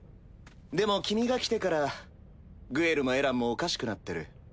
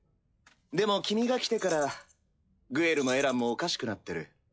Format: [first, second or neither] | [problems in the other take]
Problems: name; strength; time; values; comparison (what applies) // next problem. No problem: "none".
first | noise reduction (classical method log-MMSE)